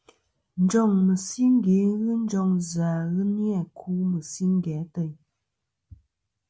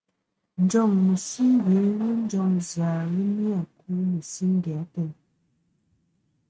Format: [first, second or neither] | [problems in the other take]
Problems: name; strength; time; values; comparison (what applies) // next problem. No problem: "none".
first | noise reduction (neural mask model RNNoise)